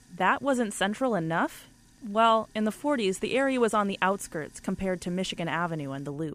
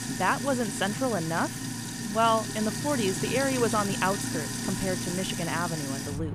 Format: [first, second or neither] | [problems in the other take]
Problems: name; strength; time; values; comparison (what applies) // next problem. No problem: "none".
first | household noises; loud; throughout; 3 dB below the speech; faint in the first